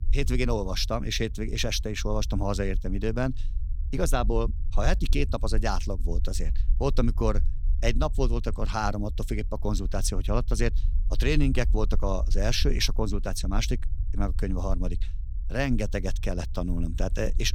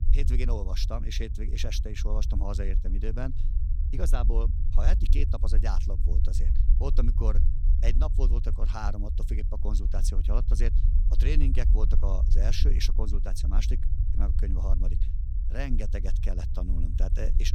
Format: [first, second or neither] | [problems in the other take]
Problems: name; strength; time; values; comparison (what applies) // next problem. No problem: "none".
first | low rumble; loud; throughout; 9 dB below the speech; faint in the first